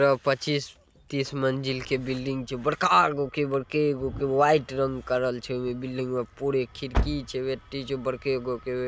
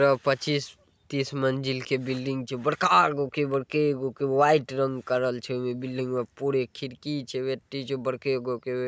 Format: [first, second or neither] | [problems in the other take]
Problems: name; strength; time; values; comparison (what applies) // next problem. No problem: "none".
second | background sound (Engine starting); 12 dB below the speech